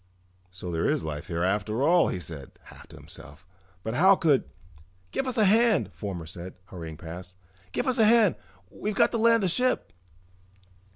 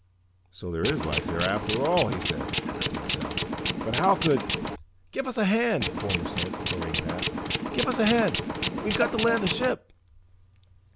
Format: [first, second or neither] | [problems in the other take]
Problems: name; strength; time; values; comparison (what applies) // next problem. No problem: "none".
first | background sound (Tools); 1 dB below the speech